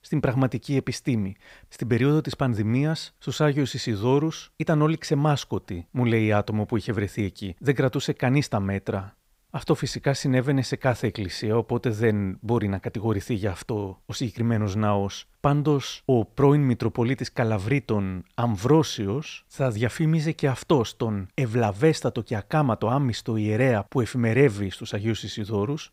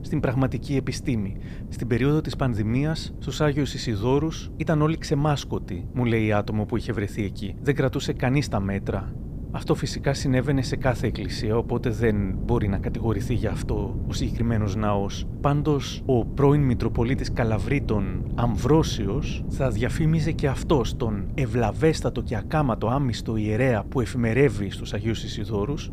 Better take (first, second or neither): first